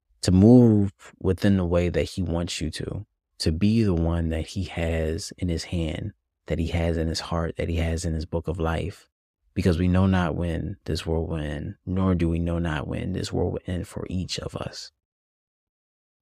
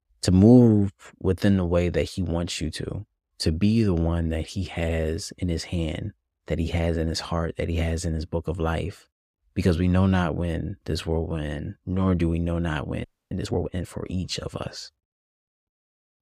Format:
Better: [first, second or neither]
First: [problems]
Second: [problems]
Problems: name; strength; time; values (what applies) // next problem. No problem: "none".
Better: first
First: none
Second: audio freezing; at 13 s